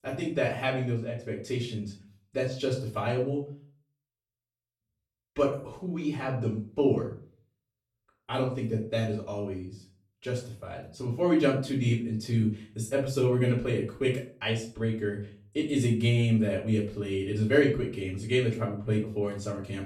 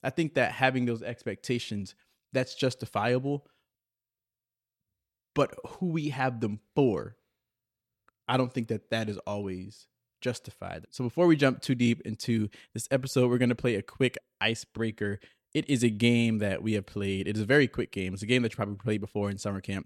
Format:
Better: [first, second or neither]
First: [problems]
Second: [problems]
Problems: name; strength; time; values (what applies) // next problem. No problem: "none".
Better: second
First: room echo; slight; dies away in 0.4 s // off-mic speech; far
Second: none